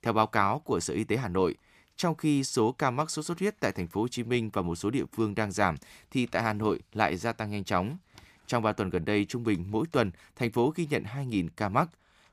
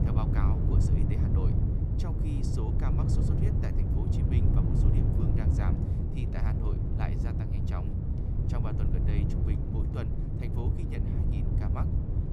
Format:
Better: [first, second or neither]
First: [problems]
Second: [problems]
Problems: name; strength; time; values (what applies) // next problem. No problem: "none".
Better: first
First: none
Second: wind noise on the microphone; heavy; 4 dB above the speech